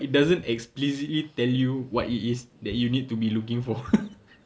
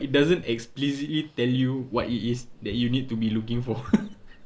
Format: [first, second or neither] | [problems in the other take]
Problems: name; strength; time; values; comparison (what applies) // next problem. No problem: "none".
first | background sound (Ocean); 17 dB below the speech